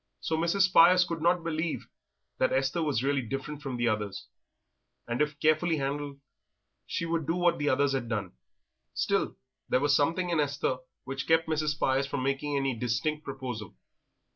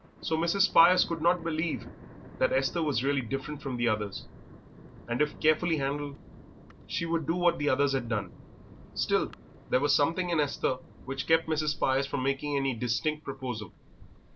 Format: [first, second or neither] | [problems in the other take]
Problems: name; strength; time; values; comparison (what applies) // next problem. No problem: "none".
first | background sound (Thunder); 18 dB below the speech